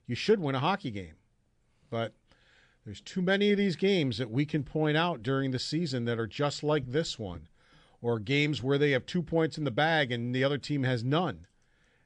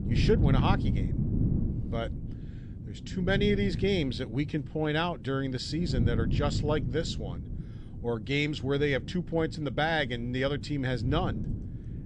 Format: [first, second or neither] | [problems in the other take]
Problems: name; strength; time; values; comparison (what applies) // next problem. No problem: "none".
first | wind noise on the microphone; occasional gusts; 10 dB below the speech